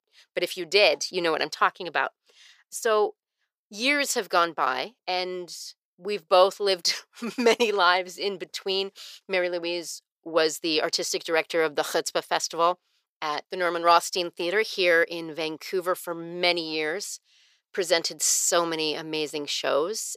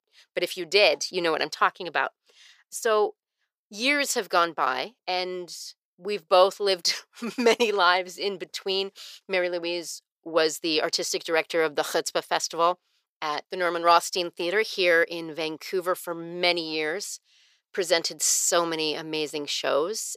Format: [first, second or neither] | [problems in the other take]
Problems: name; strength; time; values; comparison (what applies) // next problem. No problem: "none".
neither | thin; very; fading below 550 Hz; the same in both